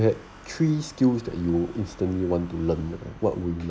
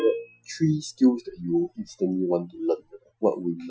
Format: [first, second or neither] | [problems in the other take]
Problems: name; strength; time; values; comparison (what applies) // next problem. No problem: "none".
first | noise reduction (classical method Wiener filter)